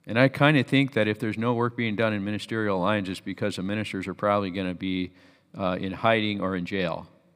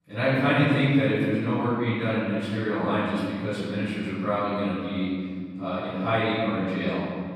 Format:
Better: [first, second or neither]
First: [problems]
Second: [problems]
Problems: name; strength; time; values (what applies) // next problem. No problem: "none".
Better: first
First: none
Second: off-mic speech; far // room echo; strong; dies away in 2 s